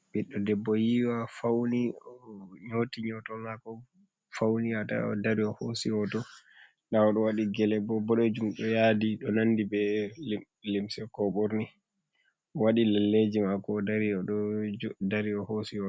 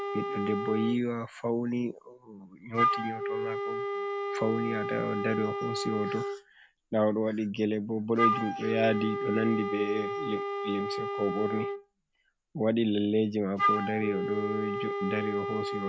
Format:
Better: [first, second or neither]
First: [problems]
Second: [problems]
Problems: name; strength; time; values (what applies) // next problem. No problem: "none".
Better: first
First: none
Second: background sound (Wind instrument, woodwind instrument); 2 dB below the speech